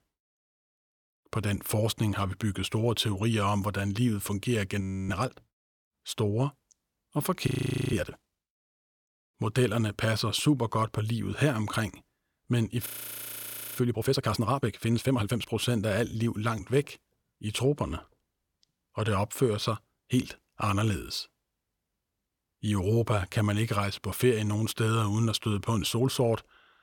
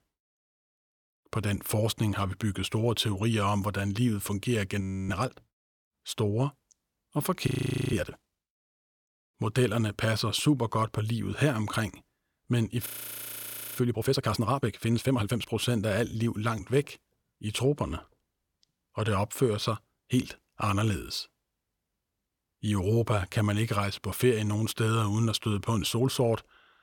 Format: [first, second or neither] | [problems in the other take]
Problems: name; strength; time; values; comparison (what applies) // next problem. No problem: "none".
neither | audio freezing; at 5 s, at 7.5 s and at 13 s for 1 s; the same in both